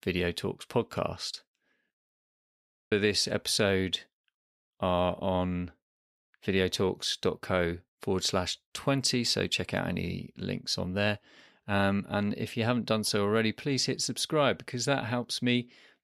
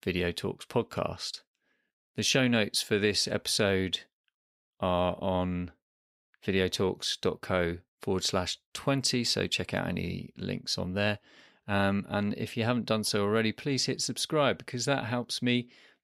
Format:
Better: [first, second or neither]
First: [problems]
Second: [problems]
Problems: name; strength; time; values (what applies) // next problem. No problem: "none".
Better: second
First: audio freezing; at 2 s for 1 s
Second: none